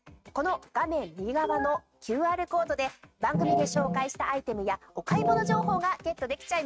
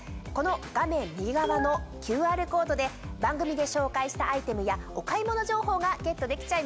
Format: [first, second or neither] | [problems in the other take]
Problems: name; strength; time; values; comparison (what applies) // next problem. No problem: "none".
second | noise reduction (neural mask model RNNoise)